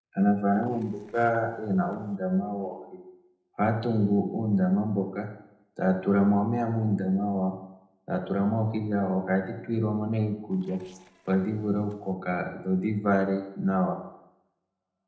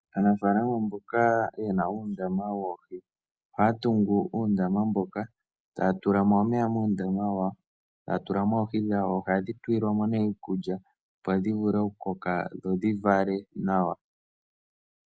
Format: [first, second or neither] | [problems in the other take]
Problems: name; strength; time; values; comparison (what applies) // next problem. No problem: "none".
second | noise reduction (neural separator model SepFormer DNS4)